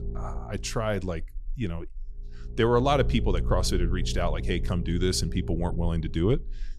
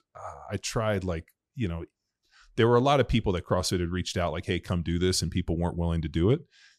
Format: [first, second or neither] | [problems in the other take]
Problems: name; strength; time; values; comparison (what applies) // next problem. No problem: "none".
second | low rumble; noticeable; throughout; 15 dB below the speech